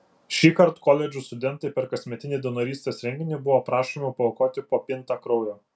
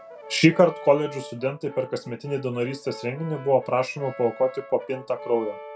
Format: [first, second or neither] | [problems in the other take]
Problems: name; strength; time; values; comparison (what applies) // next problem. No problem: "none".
first | background sound (Brass instrument); 16 dB below the speech